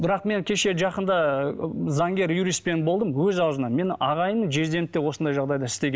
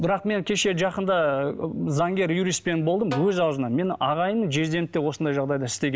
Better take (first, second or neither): first